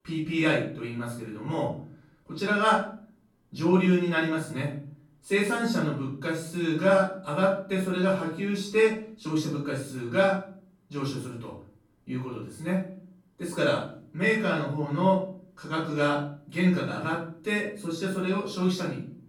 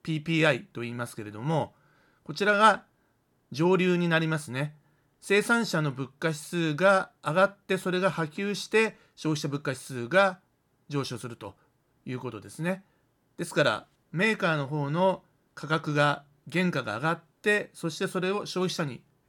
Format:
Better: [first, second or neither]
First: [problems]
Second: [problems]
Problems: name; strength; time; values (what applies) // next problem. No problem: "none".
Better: second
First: off-mic speech; far // room echo; noticeable; dies away in 0.5 s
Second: none